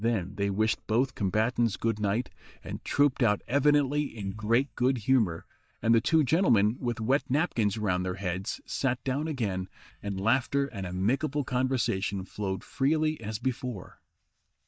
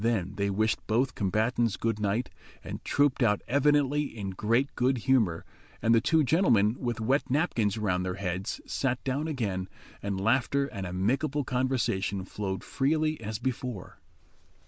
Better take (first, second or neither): second